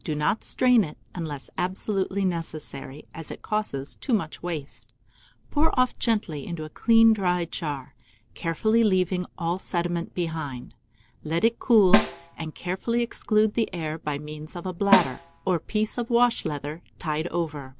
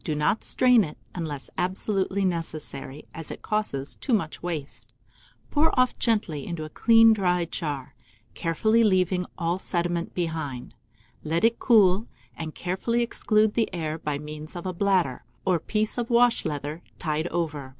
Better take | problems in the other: second | background sound (Snare drum); 3 dB below the speech

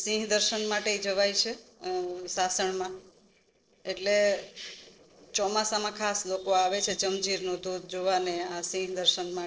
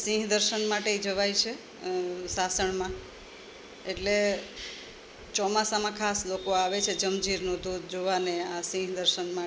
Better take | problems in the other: second | noise reduction (neural separator model SepFormer DNS4)

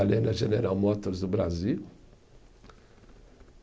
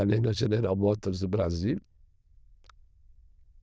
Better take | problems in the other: first | noise reduction (neural diffusion model UNIVERSE++)

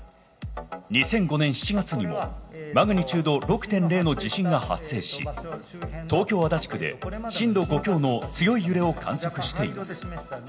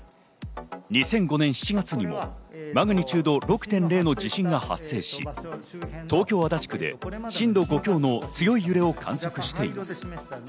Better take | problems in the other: second | room echo; dies away in 1 s

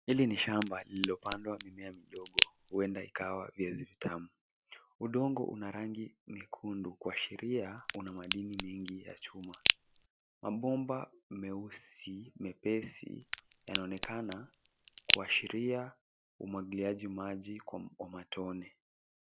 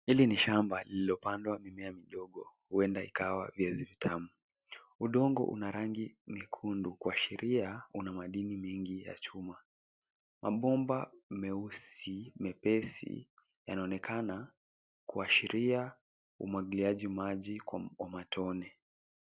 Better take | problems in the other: second | background sound (Crack); 1 dB above the speech

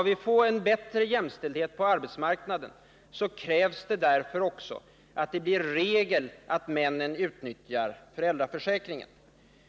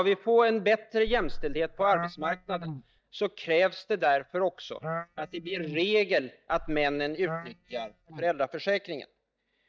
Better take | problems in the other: first | noise reduction (neural mask model DeepFilterNet 3)

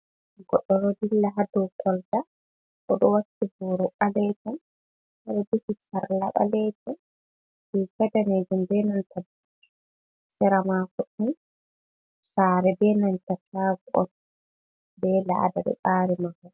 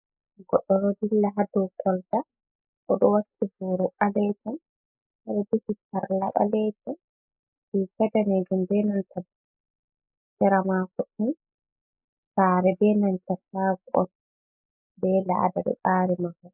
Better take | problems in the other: first | noise reduction (neural mask model Resemble Enhance denoiser)

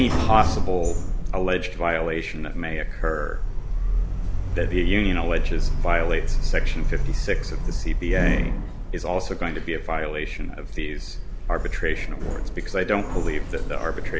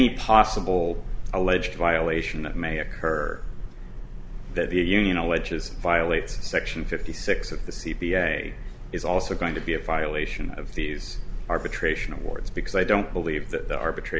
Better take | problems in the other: second | background sound (Sliding door); 2 dB above the speech

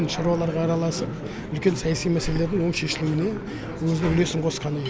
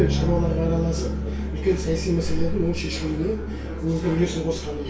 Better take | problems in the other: first | background sound (Bass guitar); 4 dB below the speech // room echo; dies away in 0.3 s

